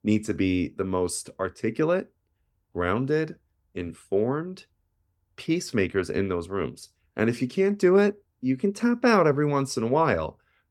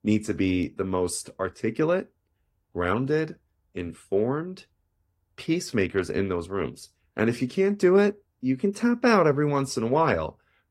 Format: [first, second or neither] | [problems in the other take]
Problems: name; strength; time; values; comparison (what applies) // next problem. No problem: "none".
first | garbled, watery; slightly